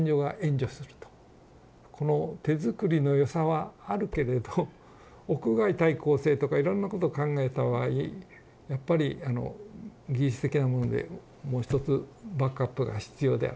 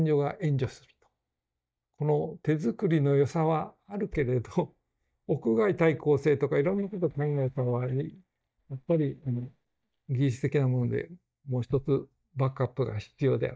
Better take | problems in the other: first | noise reduction (neural mask model DeepFilterNet 3)

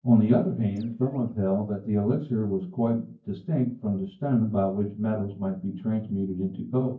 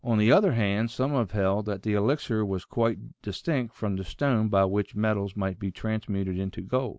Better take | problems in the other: second | noise reduction (neural mask model DeepFilterNet 3)

